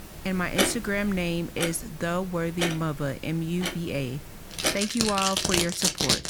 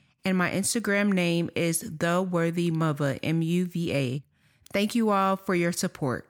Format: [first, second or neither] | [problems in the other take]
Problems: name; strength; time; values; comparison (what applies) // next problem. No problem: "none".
second | household noises; very loud; throughout; 2 dB above the speech